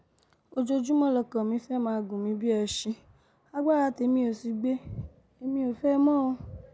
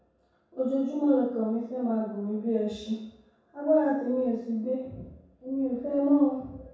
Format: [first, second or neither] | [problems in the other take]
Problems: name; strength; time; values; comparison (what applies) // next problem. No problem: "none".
first | room echo; dies away in 0.7 s